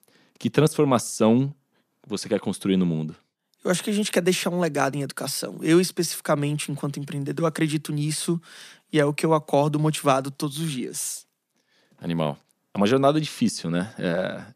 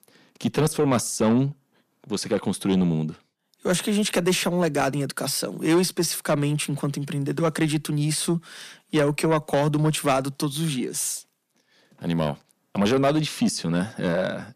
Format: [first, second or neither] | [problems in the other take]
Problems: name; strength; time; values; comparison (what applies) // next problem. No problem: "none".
first | distortion; slight; 10 dB below the speech